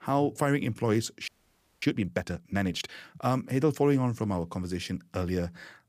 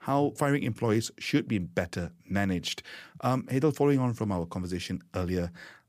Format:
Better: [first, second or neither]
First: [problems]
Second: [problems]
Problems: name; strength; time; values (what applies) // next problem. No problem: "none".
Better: second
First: audio freezing; at 1.5 s for 0.5 s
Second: none